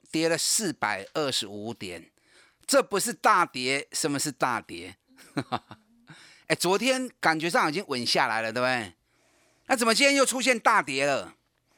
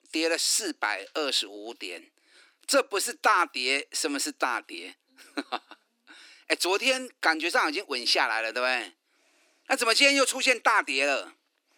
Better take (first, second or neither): first